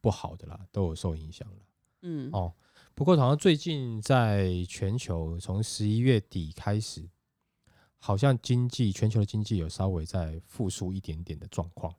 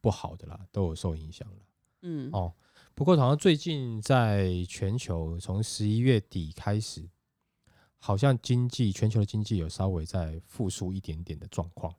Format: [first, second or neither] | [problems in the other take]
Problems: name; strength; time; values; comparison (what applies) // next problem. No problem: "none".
neither | none